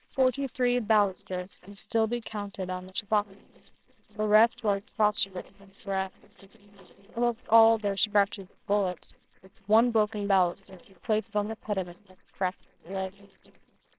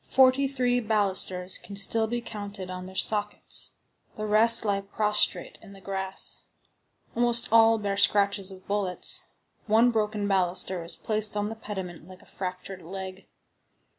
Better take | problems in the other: second | noise reduction (neural separator model SepFormer WHAMR!)

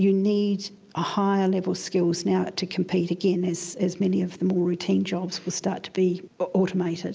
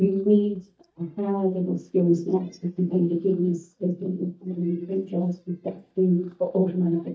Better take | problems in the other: first | noise reduction (neural mask model DeepFilterNet 3)

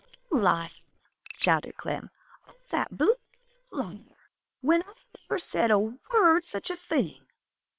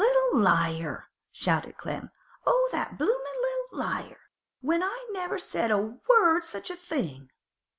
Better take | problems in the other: second | noise reduction (neural separator model SepFormer WHAM!)

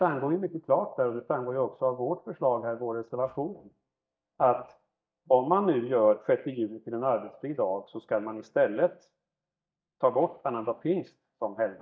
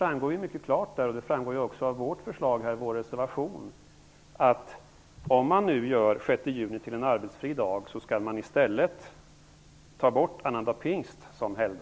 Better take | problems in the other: second | noise reduction (neural mask model DeepFilterNet 3)

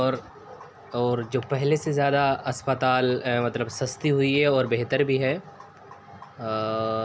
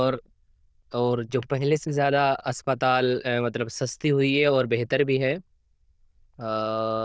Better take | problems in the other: first | noise reduction (neural diffusion model UNIVERSE++)

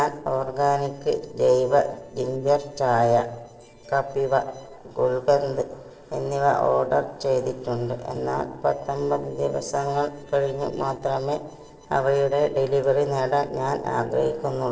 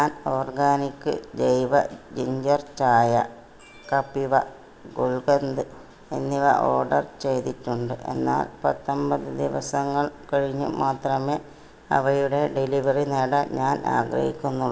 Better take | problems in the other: second | noise reduction (neural separator model SepFormer DNS4)

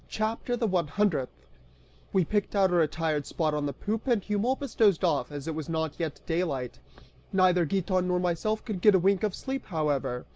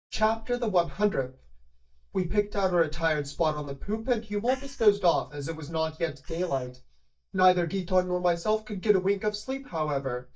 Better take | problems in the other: first | noise reduction (neural mask model DeepFilterNet 3)

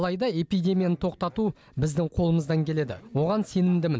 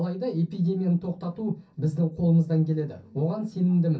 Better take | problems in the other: first | room echo; dies away in 0.3 s

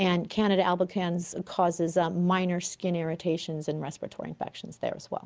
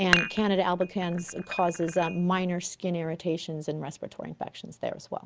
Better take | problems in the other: first | background sound (Dishes, pots, and pans); 4 dB below the speech

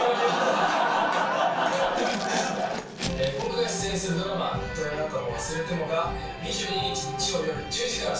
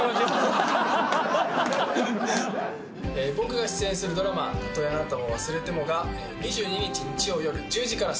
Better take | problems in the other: second | background sound (Glass); 14 dB below the speech // room echo; dies away in 0.3 s

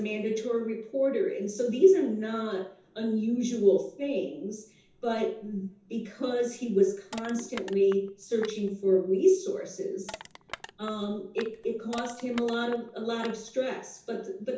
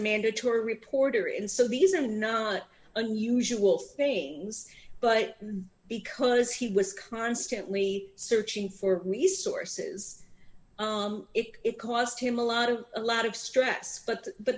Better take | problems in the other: second | background sound (Crushing); 17 dB below the speech // room echo; dies away in 0.6 s

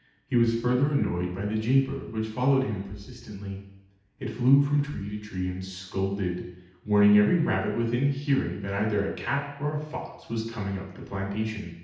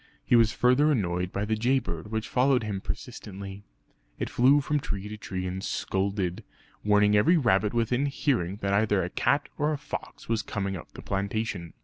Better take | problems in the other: second | room echo; dies away in 0.8 s

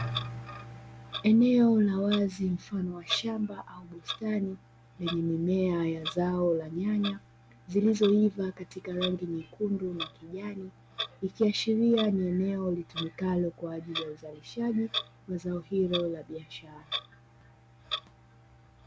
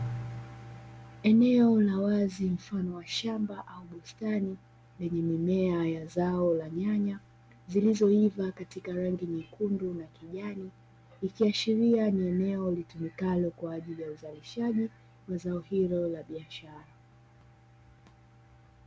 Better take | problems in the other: second | background sound (Clock); 13 dB below the speech

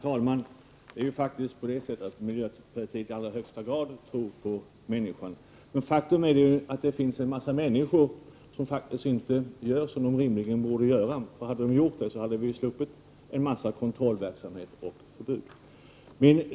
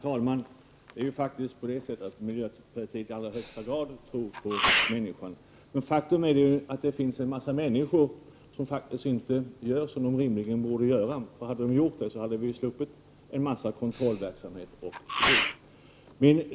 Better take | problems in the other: first | background sound (Sneeze); 1 dB below the speech

